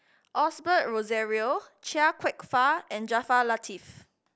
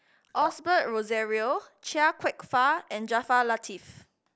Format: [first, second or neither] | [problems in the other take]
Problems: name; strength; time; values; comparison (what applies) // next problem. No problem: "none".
first | background sound (Drip); 16 dB below the speech